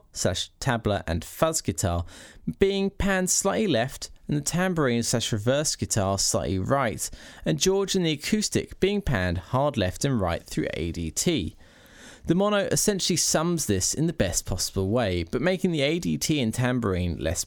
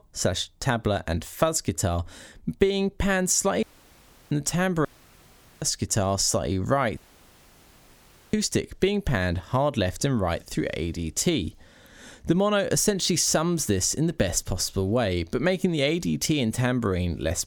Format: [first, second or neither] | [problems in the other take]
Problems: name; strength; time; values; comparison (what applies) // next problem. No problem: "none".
first | audio cutting out; at 3.5 s for 0.5 s, at 5 s for 1 s and at 7 s for 1.5 s